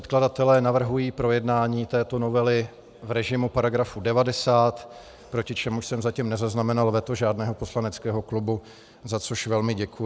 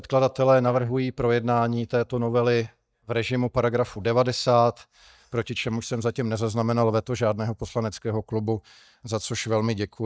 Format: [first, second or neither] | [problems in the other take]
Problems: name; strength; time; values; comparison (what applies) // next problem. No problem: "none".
first | noise reduction (neural mask model DeepFilterNet 3)